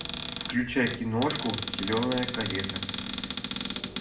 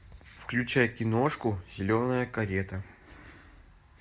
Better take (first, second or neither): second